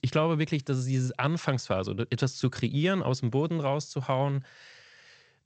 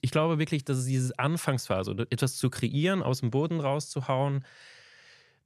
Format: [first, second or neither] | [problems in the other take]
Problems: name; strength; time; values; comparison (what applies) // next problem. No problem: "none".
second | garbled, watery; slightly; nothing above 7.5 kHz